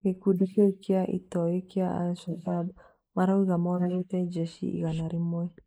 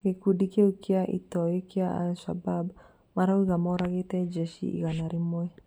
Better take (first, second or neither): second